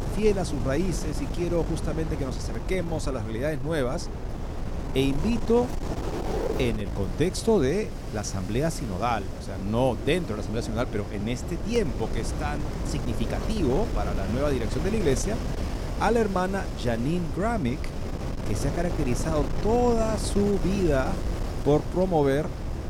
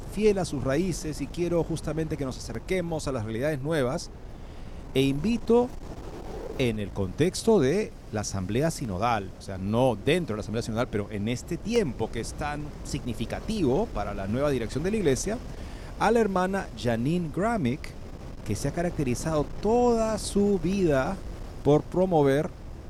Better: second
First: wind noise on the microphone; heavy; 9 dB below the speech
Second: wind noise on the microphone; occasional gusts; 20 dB below the speech

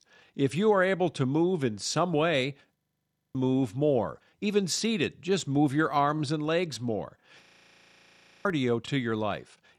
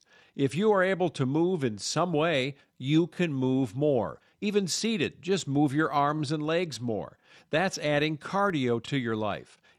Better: second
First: audio freezing; at 3 s for 0.5 s and at 7.5 s for 1 s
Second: none

